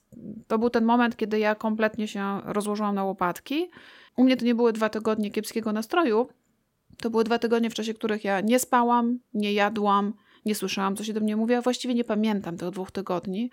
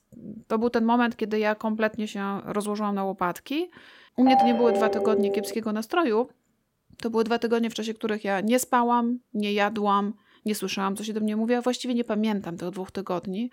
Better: first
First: none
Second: phone ringing; loud; from 4.5 to 5.5 s; peak 4 dB above the speech

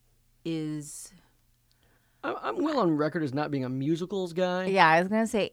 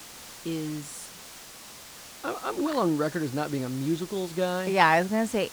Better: first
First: none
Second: hiss; noticeable; throughout; 15 dB below the speech

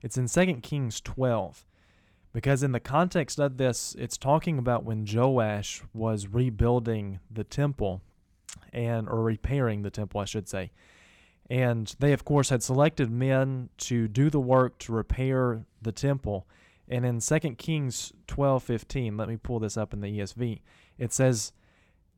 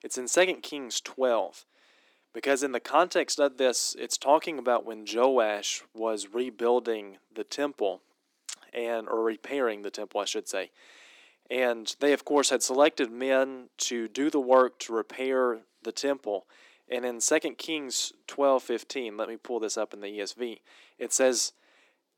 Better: first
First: none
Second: thin; somewhat; fading below 300 Hz

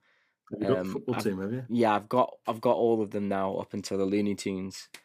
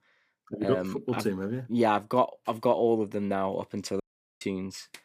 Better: first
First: none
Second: audio cutting out; at 4 s

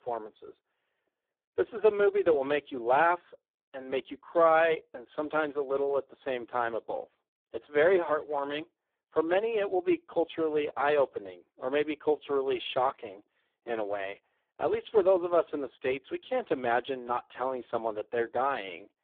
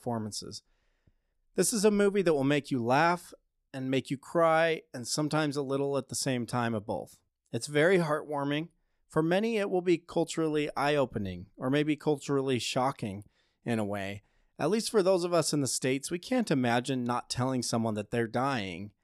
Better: second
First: phone-call audio; poor line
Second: none

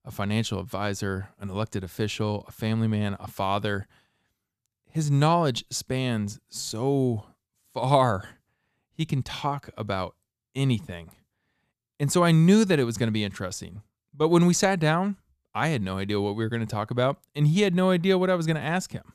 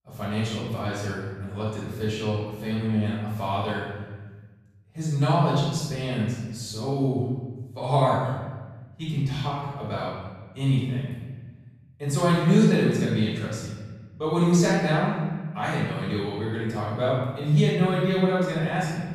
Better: first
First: none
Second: off-mic speech; far // room echo; strong; dies away in 1.3 s

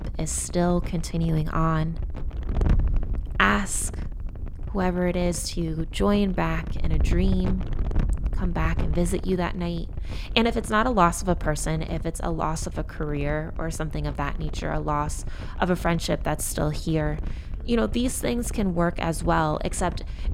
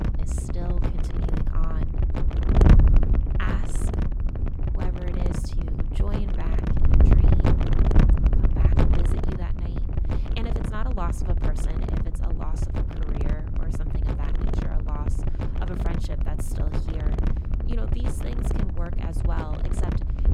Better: first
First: wind noise on the microphone; occasional gusts; 15 dB below the speech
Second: wind noise on the microphone; heavy; 4 dB above the speech

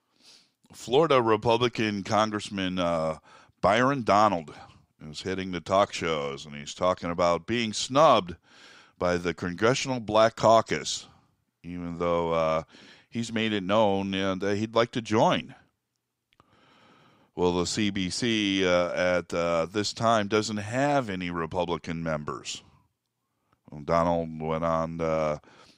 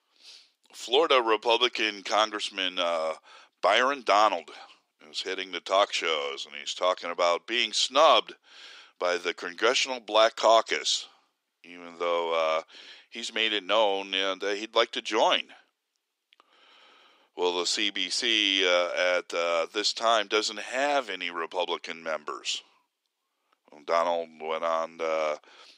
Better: first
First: none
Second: thin; somewhat; fading below 350 Hz

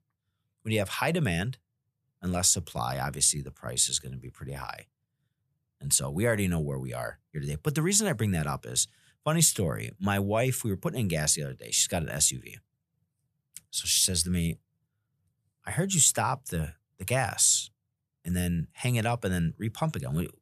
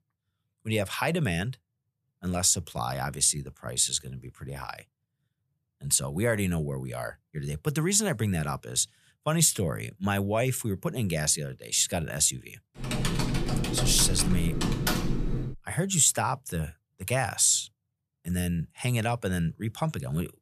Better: first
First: none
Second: keyboard typing; noticeable; from 13 to 16 s; peak level with the speech

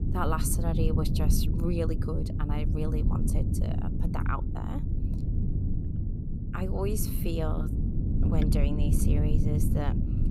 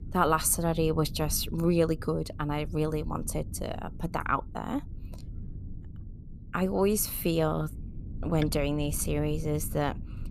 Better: second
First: low rumble; loud; throughout; 4 dB below the speech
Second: low rumble; faint; throughout; 20 dB below the speech

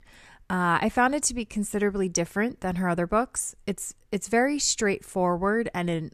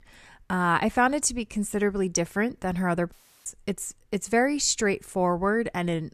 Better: first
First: none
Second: audio cutting out; at 3 s

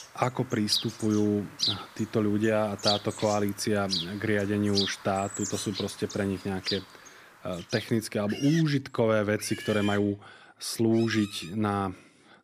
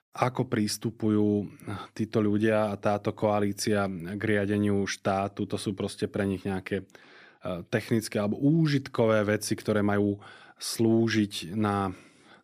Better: second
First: animal sounds; loud; throughout; 5 dB below the speech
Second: none

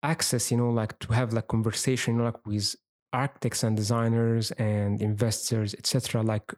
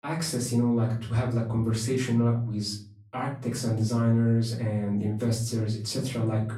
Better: first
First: none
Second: room echo; slight; dies away in 0.5 s // off-mic speech; far

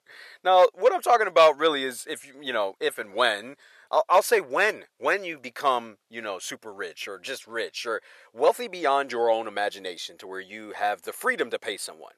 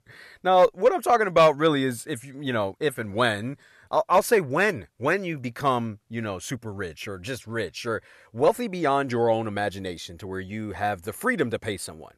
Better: second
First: thin; somewhat; fading below 500 Hz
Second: none

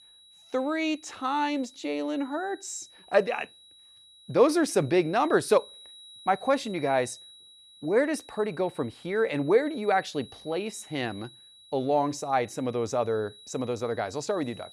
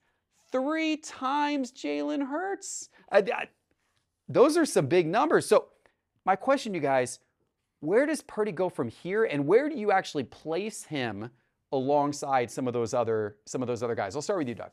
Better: second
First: high-pitched whine; faint; throughout; 4 kHz, 20 dB below the speech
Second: none

